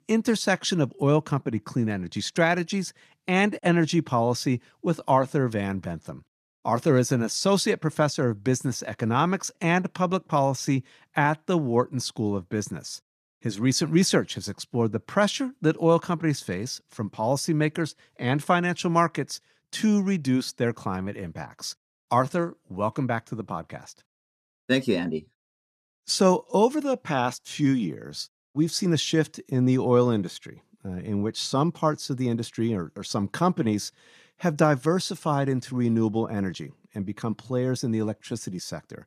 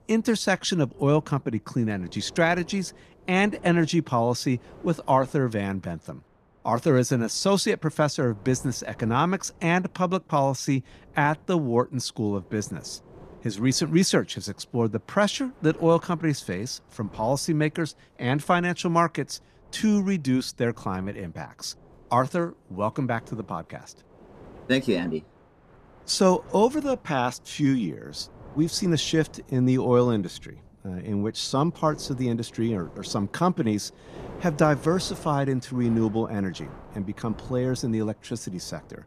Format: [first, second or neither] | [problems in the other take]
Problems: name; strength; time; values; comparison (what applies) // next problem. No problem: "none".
first | wind noise on the microphone; occasional gusts; 25 dB below the speech